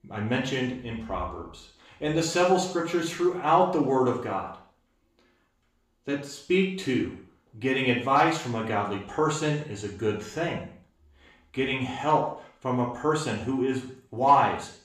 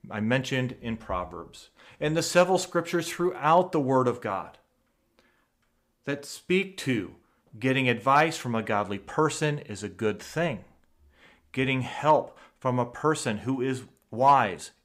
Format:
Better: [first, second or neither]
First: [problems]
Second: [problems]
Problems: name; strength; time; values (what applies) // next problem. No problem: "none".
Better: second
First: room echo; noticeable; dies away in 0.6 s // off-mic speech; far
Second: none